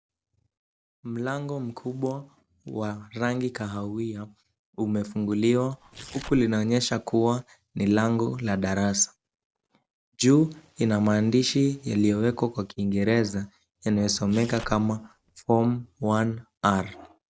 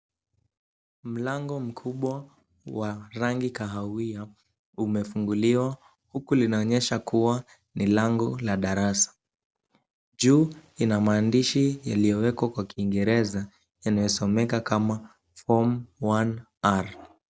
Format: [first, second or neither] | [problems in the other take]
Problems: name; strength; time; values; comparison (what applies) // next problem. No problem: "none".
second | background sound (Tearing); 18 dB below the speech